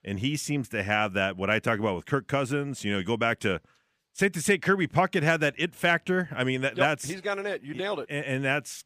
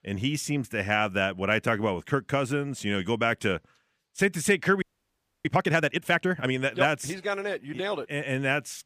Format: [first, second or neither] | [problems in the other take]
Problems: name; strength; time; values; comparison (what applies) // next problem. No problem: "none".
first | audio freezing; at 5 s for 0.5 s